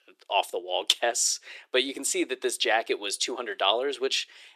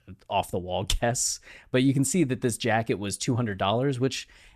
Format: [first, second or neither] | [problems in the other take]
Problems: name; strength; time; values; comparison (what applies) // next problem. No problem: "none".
second | thin; very; fading below 350 Hz